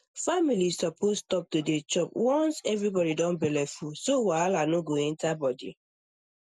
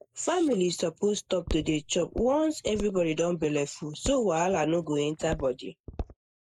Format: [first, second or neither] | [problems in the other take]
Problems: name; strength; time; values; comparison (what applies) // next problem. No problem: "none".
first | noise reduction (neural mask model Resemble Enhance denoiser)